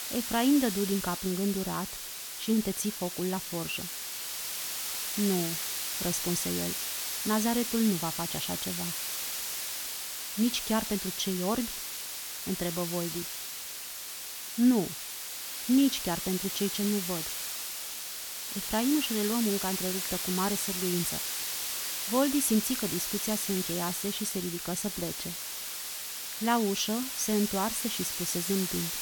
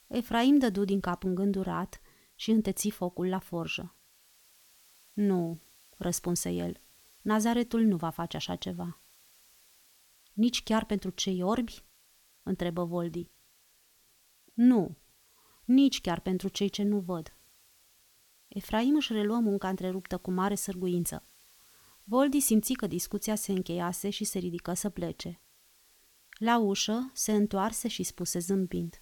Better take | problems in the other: second | hiss; loud; throughout; 2 dB below the speech; faint in the second

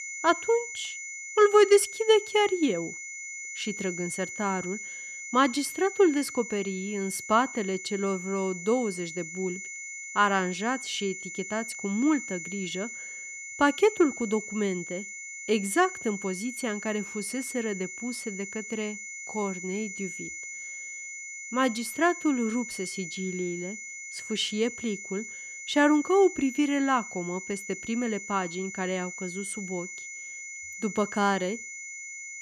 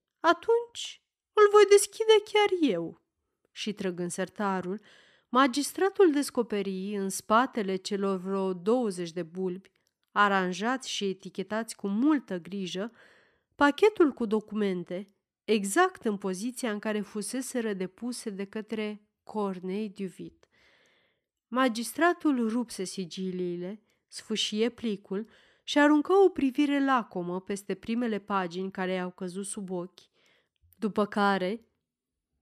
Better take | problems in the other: second | high-pitched whine; loud; throughout; 2 kHz, 9 dB below the speech

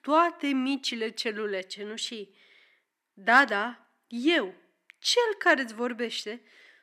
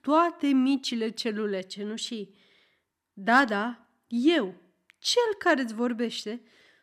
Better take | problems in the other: second | thin; very slightly; fading below 300 Hz

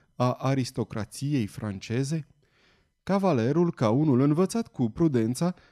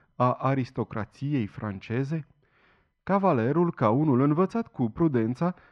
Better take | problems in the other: first | muffled; very; fading above 2.5 kHz

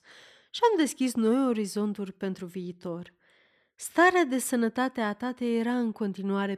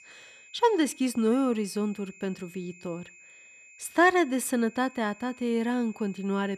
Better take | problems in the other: first | high-pitched whine; faint; throughout; 2.5 kHz, 25 dB below the speech

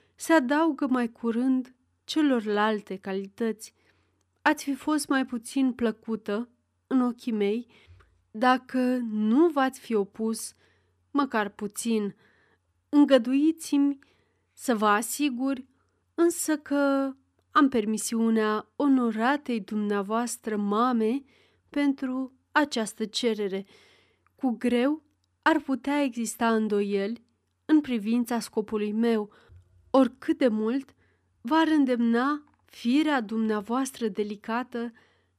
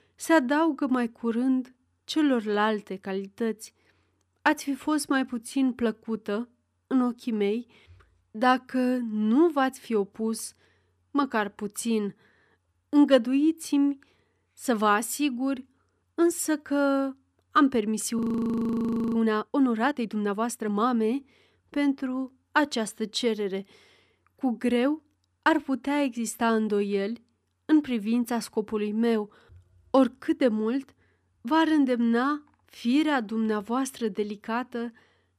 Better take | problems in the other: first | audio freezing; at 18 s for 1 s

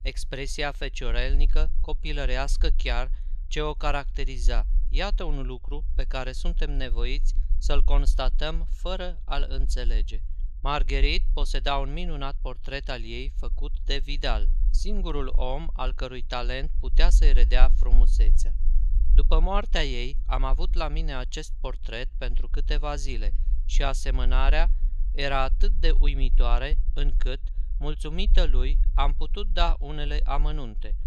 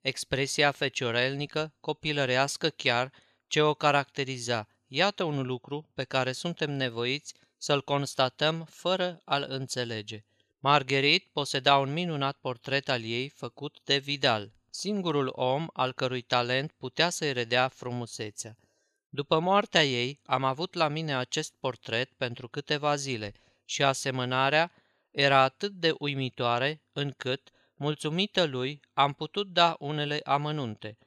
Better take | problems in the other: second | low rumble; faint; throughout; 25 dB below the speech

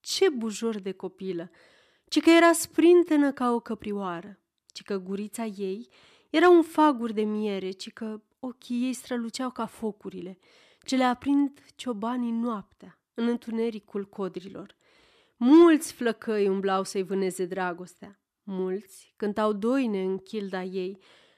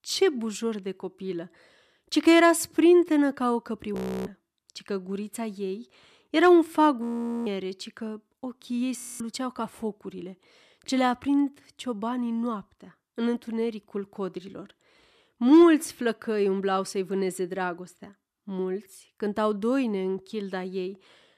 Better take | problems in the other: first | audio freezing; at 4 s, at 7 s and at 9 s

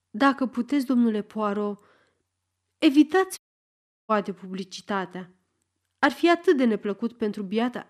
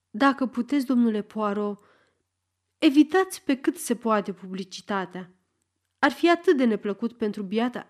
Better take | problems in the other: second | audio cutting out; at 3.5 s for 0.5 s

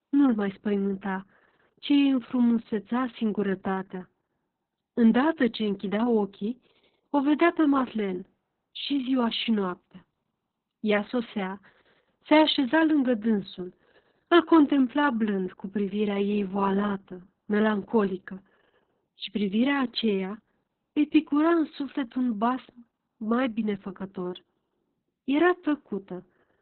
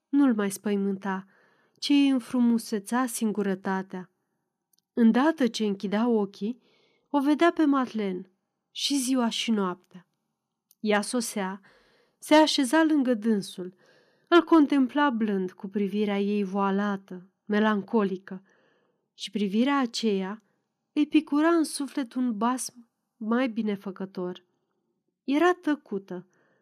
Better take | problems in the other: second | garbled, watery; badly; nothing above 4 kHz

